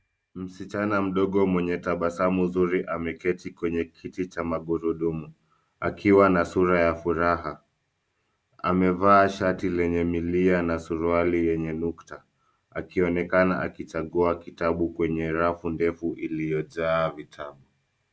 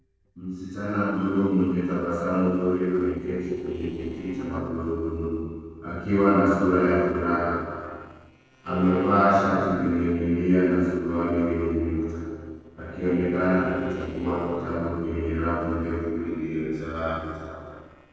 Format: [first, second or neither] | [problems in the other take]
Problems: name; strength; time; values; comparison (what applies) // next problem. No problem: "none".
first | noise reduction (neural separator model SepFormer DNS4)